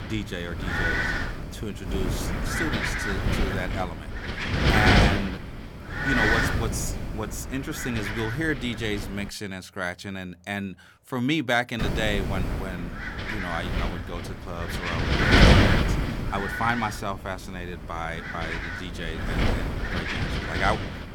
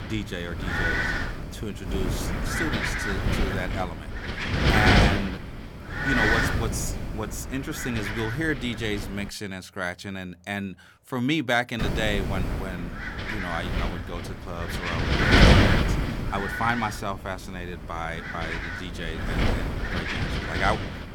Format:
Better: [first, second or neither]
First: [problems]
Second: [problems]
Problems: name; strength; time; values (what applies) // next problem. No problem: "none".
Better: neither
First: wind noise on the microphone; heavy; until 9.5 s and from 12 s on; 4 dB above the speech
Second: wind noise on the microphone; heavy; until 9.5 s and from 12 s on; 4 dB above the speech